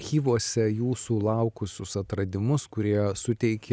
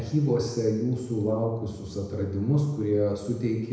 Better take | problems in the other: first | room echo; dies away in 1 s

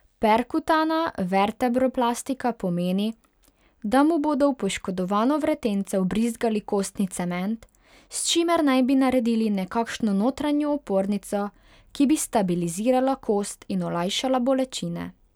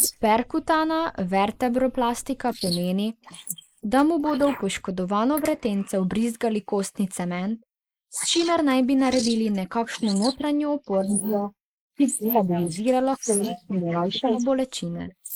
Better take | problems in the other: first | noise reduction (neural mask model Resemble Enhance denoiser)

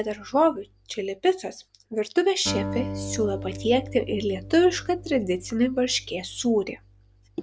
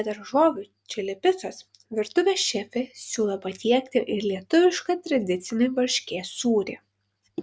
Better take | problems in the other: second | background sound (Acoustic guitar); 12 dB below the speech

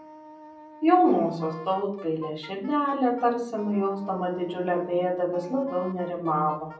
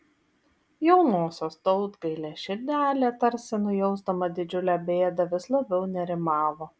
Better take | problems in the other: second | background sound (Wind instrument, woodwind instrument); 19 dB below the speech // room echo; dies away in 0.6 s

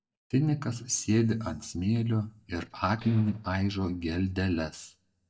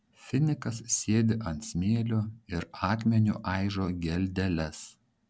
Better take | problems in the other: second | noise reduction (neural mask model DeepFilterNet 3)

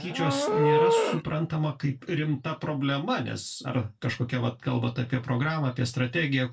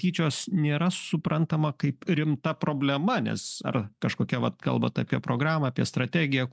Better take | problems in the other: second | background sound (Livestock, farm animals, working animals); 3 dB below the speech // room echo; dies away in 0.2 s

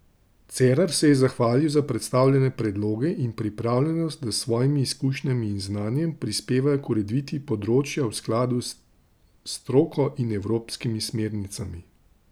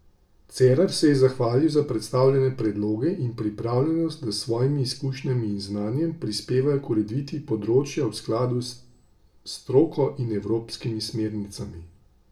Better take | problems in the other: first | room echo; dies away in 0.3 s

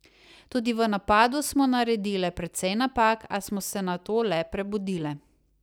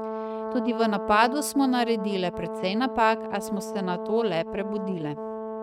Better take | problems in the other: first | noise reduction (neural mask model RNNoise)

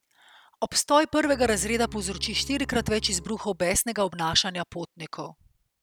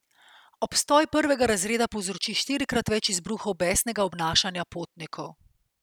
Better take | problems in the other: second | background sound (Bowed string instrument); 16 dB below the speech

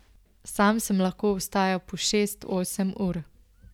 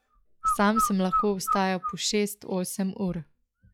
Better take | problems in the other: first | noise reduction (classical method log-MMSE)

